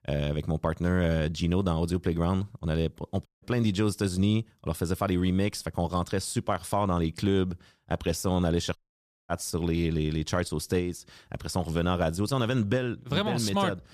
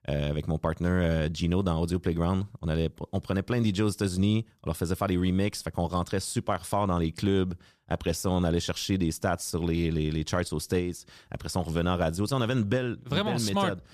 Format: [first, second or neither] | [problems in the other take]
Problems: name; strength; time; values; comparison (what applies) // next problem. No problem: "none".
second | audio cutting out; at 3.5 s and at 9 s for 0.5 s